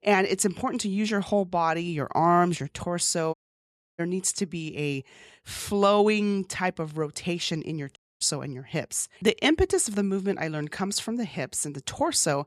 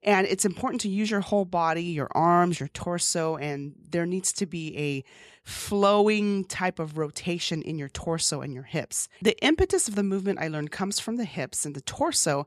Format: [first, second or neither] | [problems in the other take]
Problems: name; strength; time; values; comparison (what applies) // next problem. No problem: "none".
second | audio cutting out; at 3.5 s for 0.5 s and at 8 s